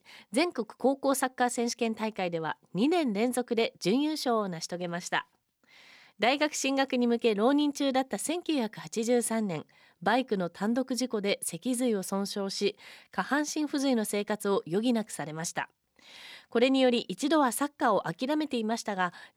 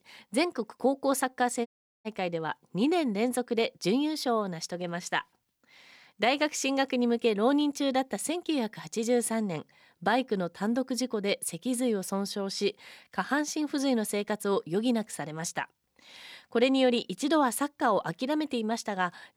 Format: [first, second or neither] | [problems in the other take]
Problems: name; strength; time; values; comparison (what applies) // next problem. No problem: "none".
first | audio cutting out; at 1.5 s